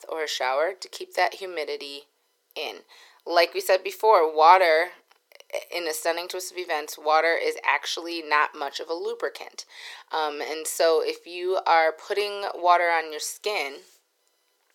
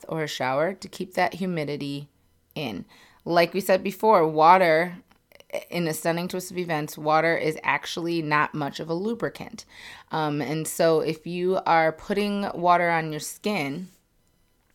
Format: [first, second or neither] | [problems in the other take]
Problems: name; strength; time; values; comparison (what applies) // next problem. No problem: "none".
second | thin; very; fading below 400 Hz